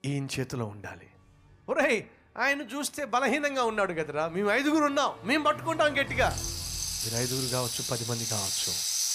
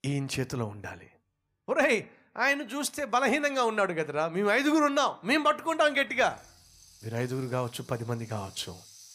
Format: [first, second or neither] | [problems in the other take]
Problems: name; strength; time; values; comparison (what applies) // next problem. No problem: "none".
second | background music; loud; throughout; 2 dB below the speech; faint in the second